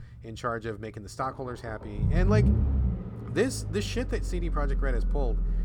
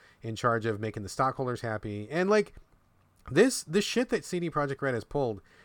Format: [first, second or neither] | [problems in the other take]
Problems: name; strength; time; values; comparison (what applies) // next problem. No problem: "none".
second | low rumble; loud; throughout; 9 dB below the speech